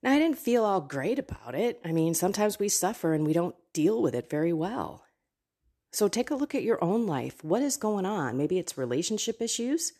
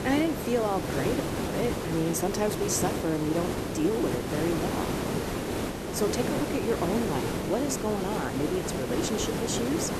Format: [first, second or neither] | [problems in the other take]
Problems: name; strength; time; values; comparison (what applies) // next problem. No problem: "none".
first | hiss; loud; throughout; 1 dB below the speech